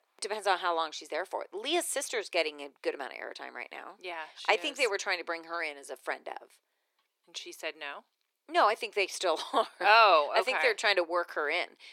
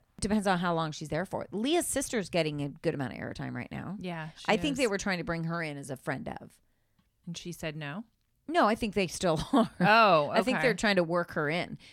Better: second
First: thin; very; fading below 350 Hz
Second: none

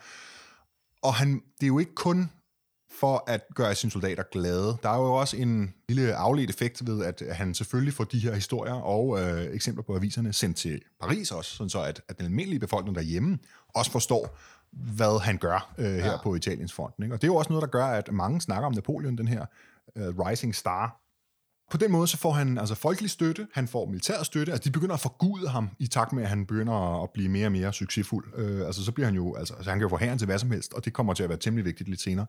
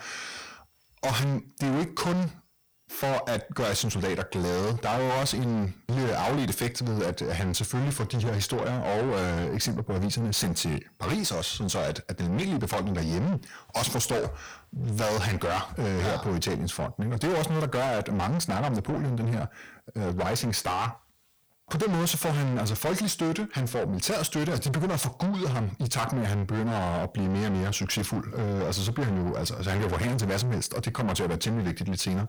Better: first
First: none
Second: distortion; heavy; 5 dB below the speech

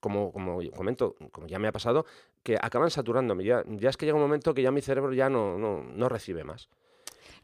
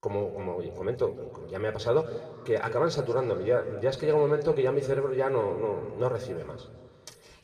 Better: first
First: none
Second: room echo; slight; dies away in 1.5 s // off-mic speech; somewhat distant

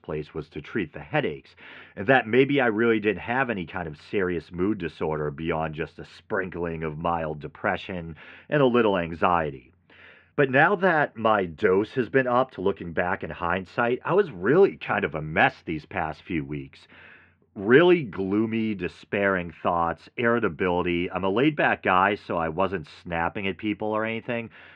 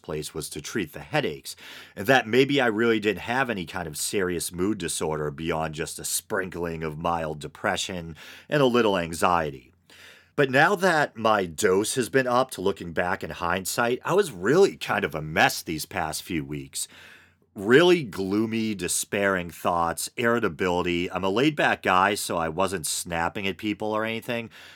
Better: second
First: muffled; very; fading above 2.5 kHz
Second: none

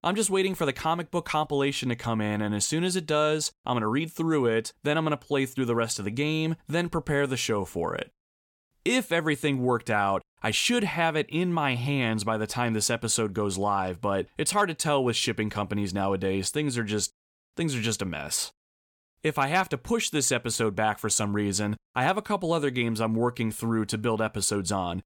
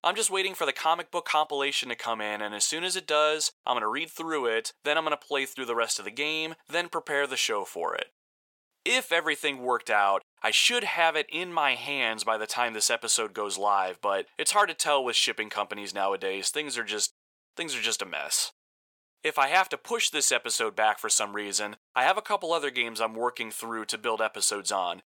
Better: first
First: none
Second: thin; very; fading below 650 Hz

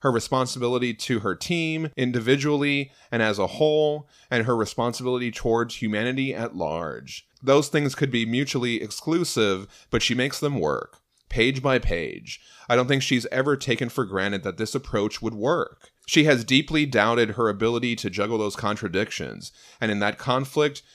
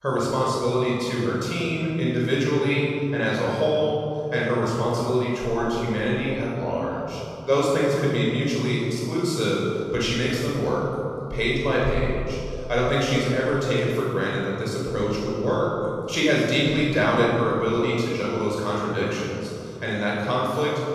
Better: first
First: none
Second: room echo; strong; dies away in 2.7 s // off-mic speech; far

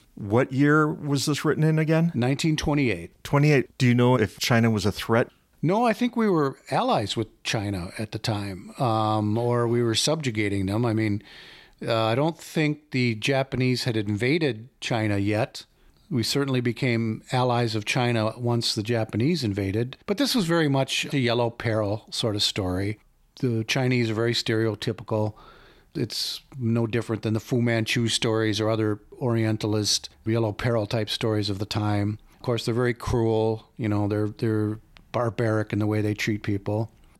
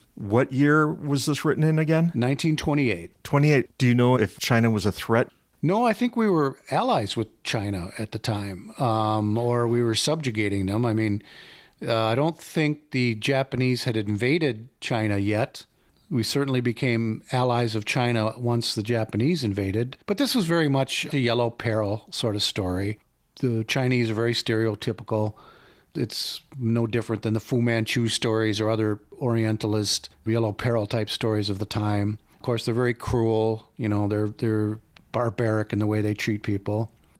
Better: first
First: none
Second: garbled, watery; slightly; nothing above 16 kHz

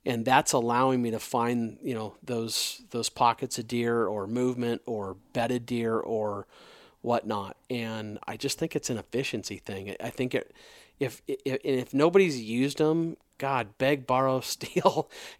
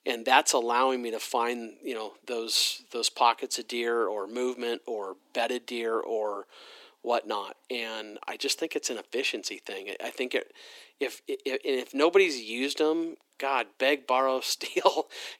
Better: first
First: none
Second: thin; somewhat; fading below 300 Hz

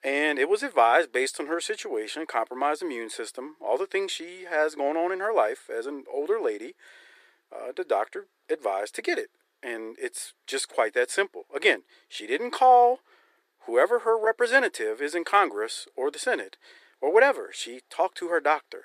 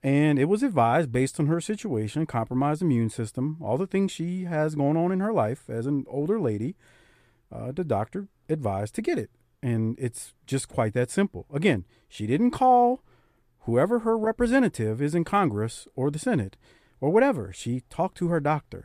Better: second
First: thin; very; fading below 350 Hz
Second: none

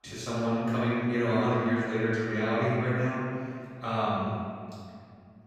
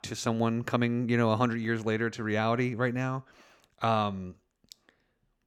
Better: second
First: room echo; strong; dies away in 2.1 s // off-mic speech; far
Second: none

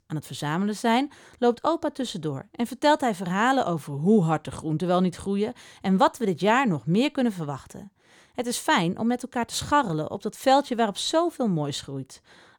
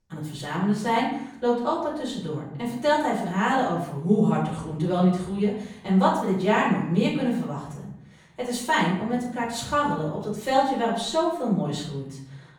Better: first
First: none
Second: off-mic speech; far // room echo; noticeable; dies away in 0.8 s

